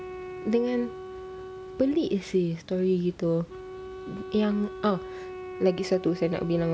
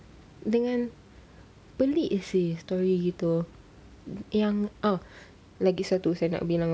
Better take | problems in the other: second | background sound (Wind instrument, woodwind instrument); 12 dB below the speech

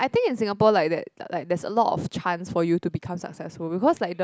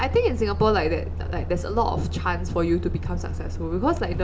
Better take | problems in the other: first | background sound (Truck); 3 dB below the speech // room echo; dies away in 0.4 s

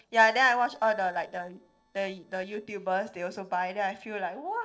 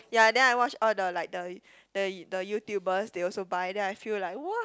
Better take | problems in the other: second | noise reduction (neural separator model SepFormer DNS4)

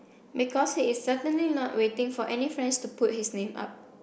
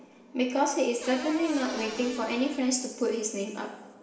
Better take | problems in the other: first | background sound (Cupboard open or close / Door); 12 dB below the speech // room echo; dies away in 1.2 s

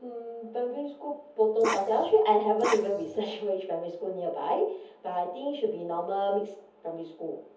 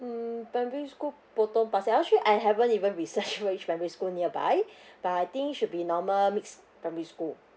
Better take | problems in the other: second | background sound (Bark); 6 dB below the speech // room echo; dies away in 0.7 s

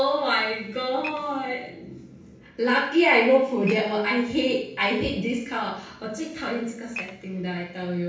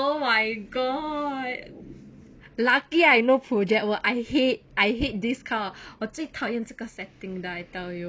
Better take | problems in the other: second | background sound (Dishes, pots, and pans / Glass); 12 dB below the speech // room echo; dies away in 0.7 s

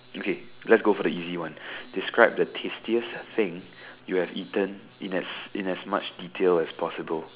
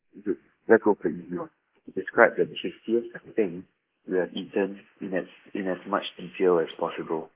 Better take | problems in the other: first | noise reduction (neural mask model Resemble Enhance denoiser)

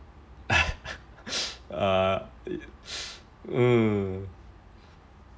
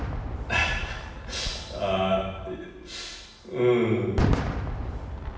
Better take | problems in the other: first | background sound (Fireworks); 3 dB below the speech // room echo; dies away in 1.1 s

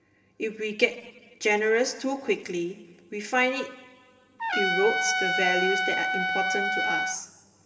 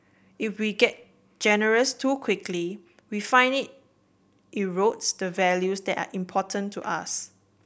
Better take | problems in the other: second | background sound (Trumpet); 2 dB above the speech // room echo; dies away in 1.7 s

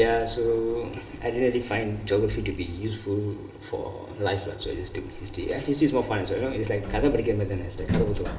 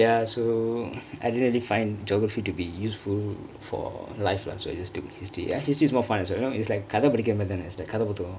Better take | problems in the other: second | background sound (Sliding door); 9 dB below the speech // room echo; dies away in 1.2 s

